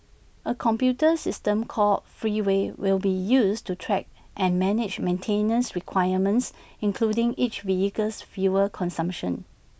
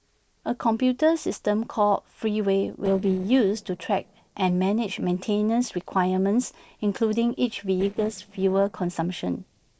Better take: first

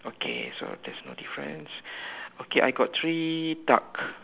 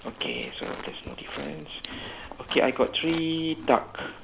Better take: first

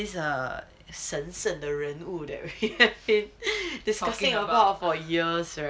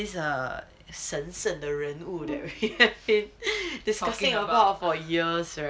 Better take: first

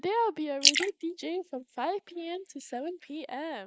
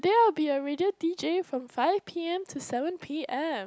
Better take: second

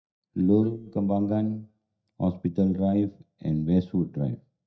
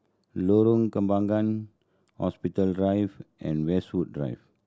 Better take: second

